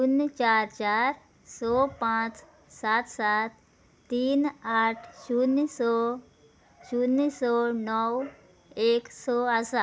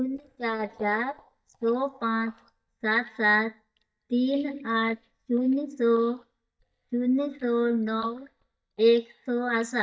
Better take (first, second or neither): first